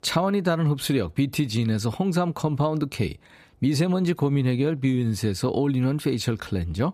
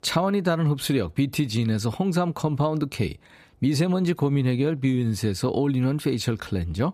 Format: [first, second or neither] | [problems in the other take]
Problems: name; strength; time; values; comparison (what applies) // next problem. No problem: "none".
neither | none